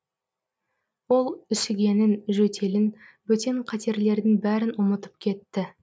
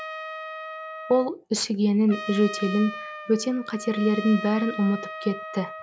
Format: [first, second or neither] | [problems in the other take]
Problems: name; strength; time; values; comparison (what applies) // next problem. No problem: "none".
first | background sound (Trumpet); 11 dB below the speech